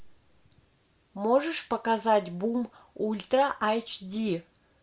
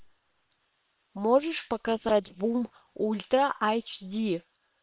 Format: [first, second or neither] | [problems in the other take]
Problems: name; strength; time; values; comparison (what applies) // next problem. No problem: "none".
first | noise reduction (neural separator model SepFormer WHAM!)